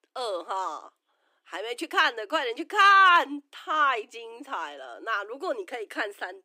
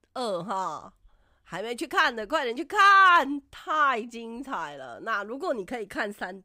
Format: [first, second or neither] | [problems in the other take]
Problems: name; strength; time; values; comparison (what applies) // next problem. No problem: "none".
second | thin; very slightly; fading below 300 Hz